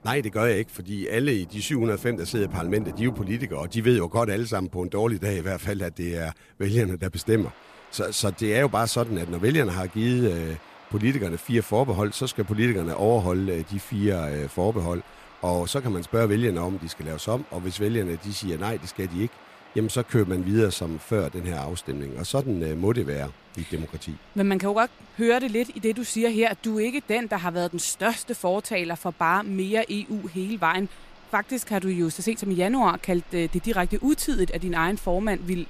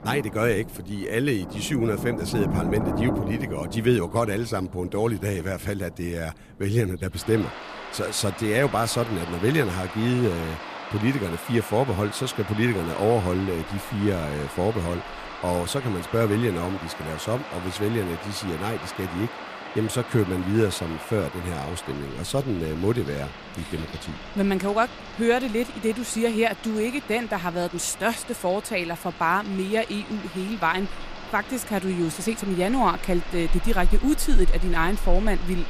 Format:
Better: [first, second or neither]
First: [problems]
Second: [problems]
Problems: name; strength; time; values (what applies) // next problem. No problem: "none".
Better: first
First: rain or running water; faint; throughout; 20 dB below the speech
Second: rain or running water; loud; throughout; 9 dB below the speech